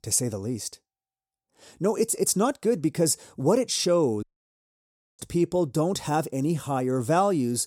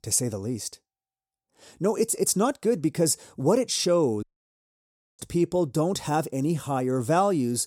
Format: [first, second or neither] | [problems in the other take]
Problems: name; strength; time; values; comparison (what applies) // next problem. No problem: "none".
neither | audio cutting out; at 4 s for 1 s; the same in both